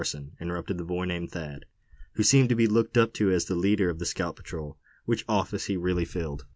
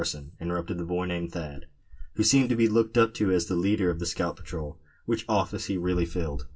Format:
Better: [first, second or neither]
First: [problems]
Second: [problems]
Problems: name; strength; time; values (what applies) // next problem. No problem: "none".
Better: first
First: none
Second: room echo; dies away in 0.2 s